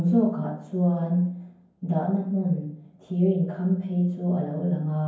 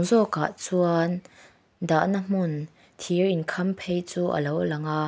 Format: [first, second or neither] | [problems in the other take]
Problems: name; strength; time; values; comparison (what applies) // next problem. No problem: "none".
second | room echo; dies away in 0.9 s